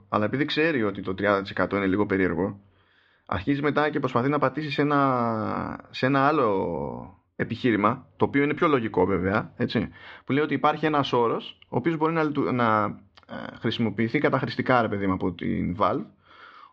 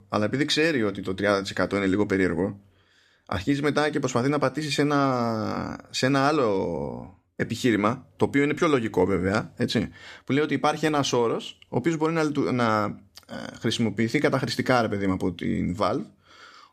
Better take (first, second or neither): second